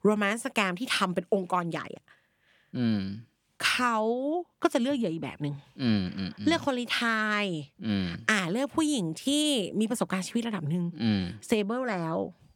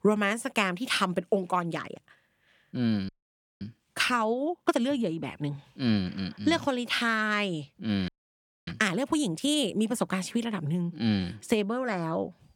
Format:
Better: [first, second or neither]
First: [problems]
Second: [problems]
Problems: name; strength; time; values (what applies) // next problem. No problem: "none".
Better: first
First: none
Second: audio freezing; at 3 s for 0.5 s and at 8 s for 0.5 s